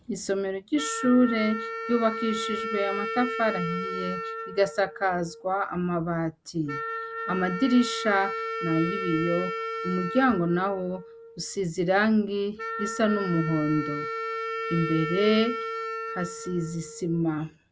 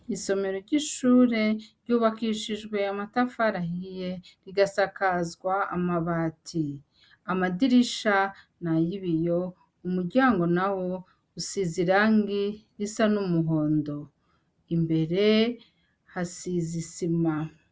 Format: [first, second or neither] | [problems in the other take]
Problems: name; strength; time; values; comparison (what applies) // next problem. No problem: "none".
second | background sound (Wind instrument, woodwind instrument); 7 dB below the speech